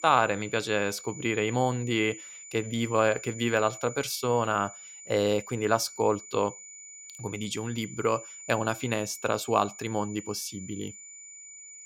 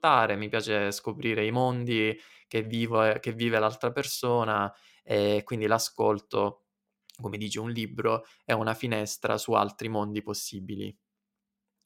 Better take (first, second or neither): second